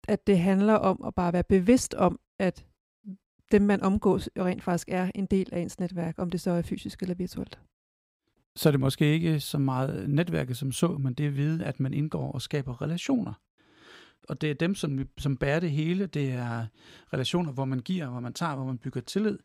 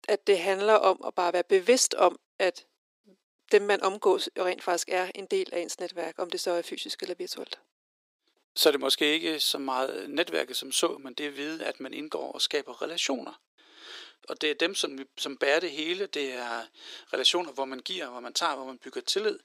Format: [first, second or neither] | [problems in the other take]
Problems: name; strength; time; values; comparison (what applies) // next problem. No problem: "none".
first | thin; very; fading below 350 Hz